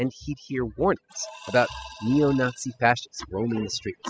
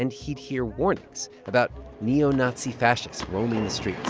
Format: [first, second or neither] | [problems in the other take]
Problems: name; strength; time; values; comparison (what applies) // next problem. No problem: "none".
second | noise reduction (classical method spectral subtraction)